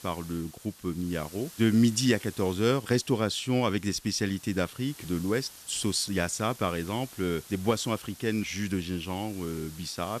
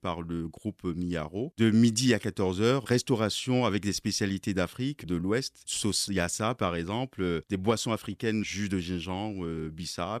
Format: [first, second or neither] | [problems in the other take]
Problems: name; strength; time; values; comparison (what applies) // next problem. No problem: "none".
second | hiss; noticeable; throughout; 20 dB below the speech